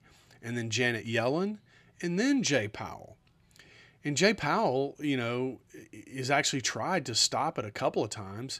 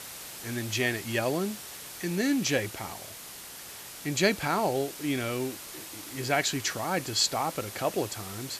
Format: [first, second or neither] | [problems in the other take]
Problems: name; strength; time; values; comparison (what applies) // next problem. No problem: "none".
first | hiss; noticeable; throughout; 10 dB below the speech